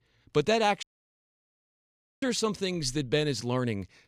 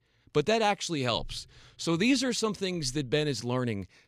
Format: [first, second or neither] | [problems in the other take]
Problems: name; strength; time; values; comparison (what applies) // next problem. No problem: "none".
second | audio cutting out; at 1 s for 1.5 s